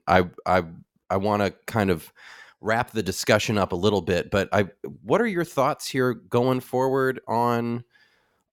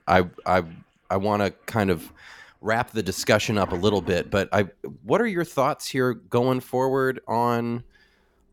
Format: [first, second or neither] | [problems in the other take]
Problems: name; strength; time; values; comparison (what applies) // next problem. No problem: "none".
first | household noises; faint; throughout; 20 dB below the speech